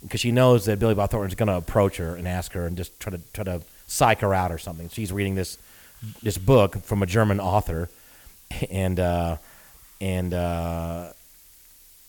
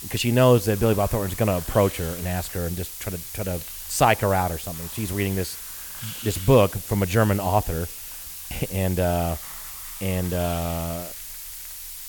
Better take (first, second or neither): first